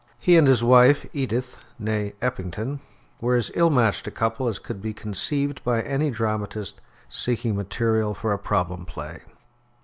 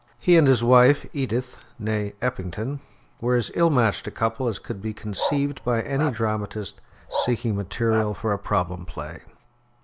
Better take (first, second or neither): first